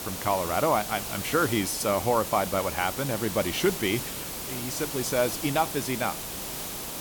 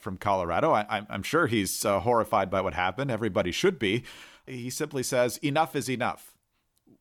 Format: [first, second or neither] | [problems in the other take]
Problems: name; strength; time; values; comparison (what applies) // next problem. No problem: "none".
second | hiss; loud; throughout; 5 dB below the speech